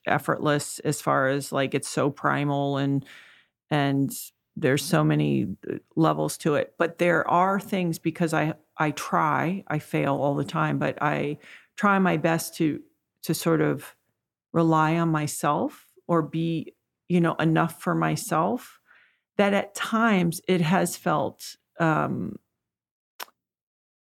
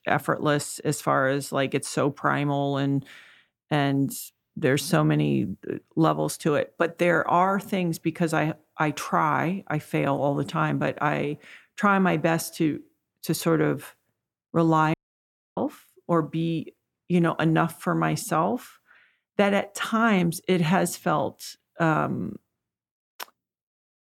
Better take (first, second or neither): first